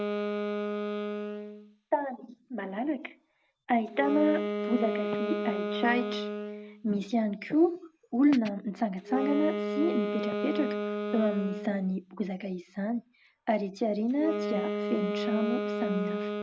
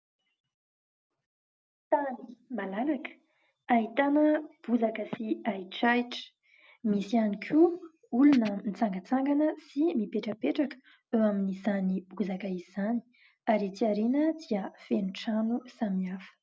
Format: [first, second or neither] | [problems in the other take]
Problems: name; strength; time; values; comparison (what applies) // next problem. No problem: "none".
second | background sound (Wind instrument, woodwind instrument); 4 dB below the speech